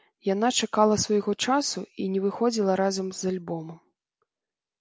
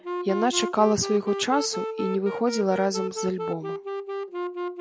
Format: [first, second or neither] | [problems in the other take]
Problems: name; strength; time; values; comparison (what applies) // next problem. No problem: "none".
first | background sound (Wind instrument, woodwind instrument); 5 dB below the speech